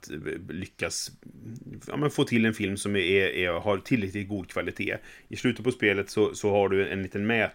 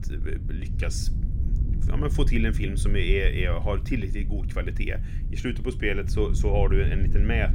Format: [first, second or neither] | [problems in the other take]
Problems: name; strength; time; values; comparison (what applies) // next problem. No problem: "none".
first | low rumble; noticeable; throughout; 10 dB below the speech